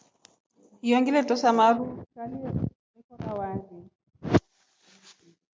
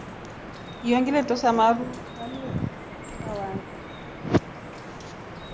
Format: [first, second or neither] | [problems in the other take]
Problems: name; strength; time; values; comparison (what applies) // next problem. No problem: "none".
first | background sound (Drip); 11 dB below the speech